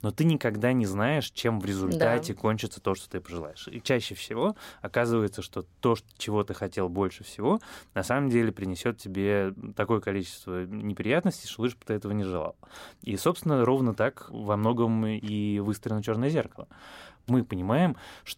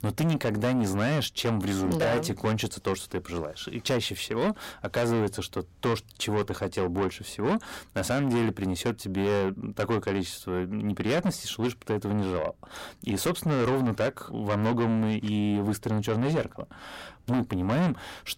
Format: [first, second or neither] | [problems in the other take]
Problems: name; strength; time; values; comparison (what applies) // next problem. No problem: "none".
first | distortion; heavy; 7 dB below the speech